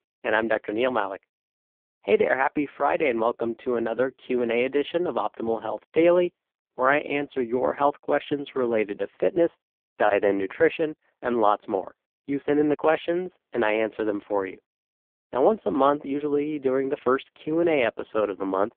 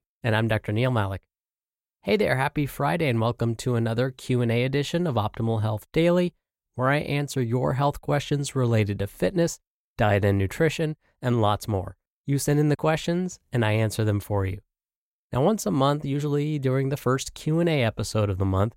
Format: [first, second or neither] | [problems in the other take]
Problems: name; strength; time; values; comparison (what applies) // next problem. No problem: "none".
second | phone-call audio; poor line